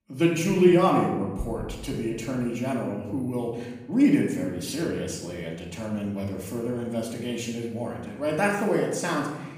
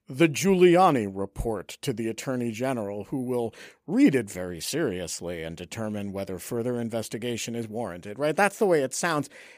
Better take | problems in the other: second | off-mic speech; far // room echo; noticeable; dies away in 1.2 s

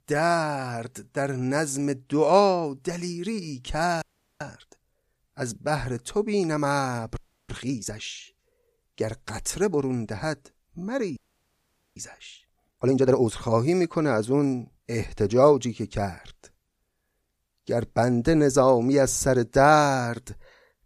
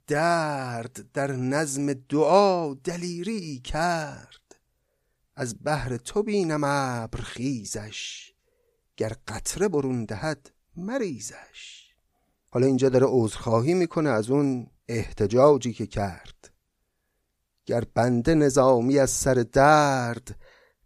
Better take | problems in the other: second | audio freezing; at 4 s, at 7 s and at 11 s for 1 s

